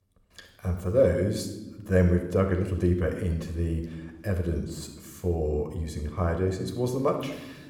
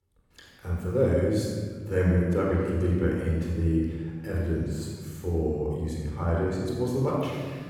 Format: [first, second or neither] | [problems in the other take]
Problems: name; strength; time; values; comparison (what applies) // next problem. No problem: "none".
first | room echo; strong; dies away in 1.7 s; slight in the first // off-mic speech; far